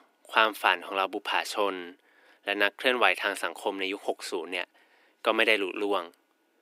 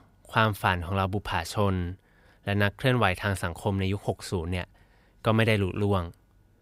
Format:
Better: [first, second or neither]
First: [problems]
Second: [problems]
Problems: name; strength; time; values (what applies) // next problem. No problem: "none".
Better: second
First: thin; very; fading below 300 Hz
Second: none